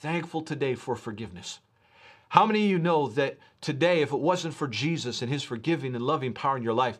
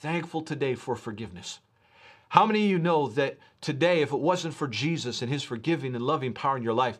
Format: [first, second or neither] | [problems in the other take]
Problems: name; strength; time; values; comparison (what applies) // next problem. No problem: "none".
neither | none